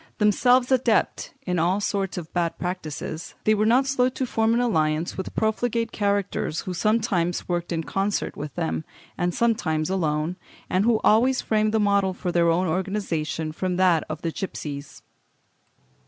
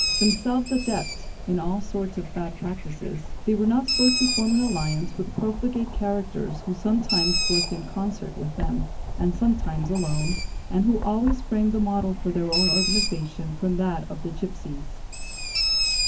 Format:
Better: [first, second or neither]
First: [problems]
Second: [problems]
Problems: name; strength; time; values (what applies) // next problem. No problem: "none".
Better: first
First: none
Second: background sound (Bird); 2 dB below the speech // room echo; dies away in 0.3 s